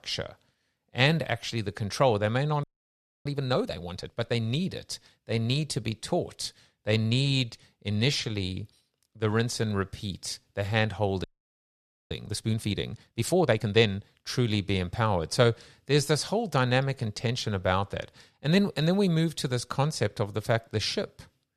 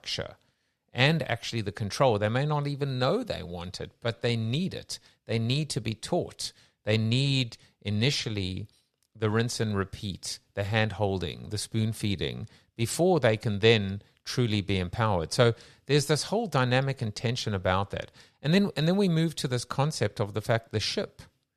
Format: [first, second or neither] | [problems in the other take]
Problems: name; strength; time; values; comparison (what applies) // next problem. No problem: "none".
second | audio freezing; at 2.5 s for 0.5 s and at 11 s for 1 s